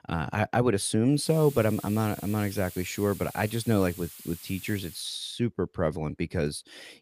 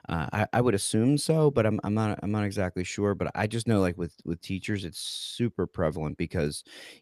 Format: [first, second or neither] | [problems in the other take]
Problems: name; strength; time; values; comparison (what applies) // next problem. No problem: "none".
second | hiss; noticeable; from 1 to 5 s; 15 dB below the speech